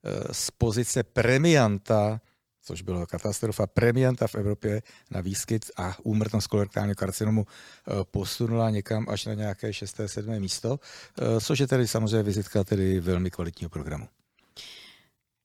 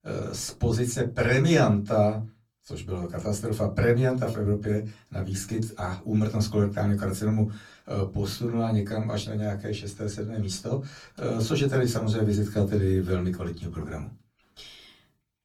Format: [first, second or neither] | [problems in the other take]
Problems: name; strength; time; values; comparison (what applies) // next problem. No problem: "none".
first | off-mic speech; far // room echo; very slight; dies away in 0.2 s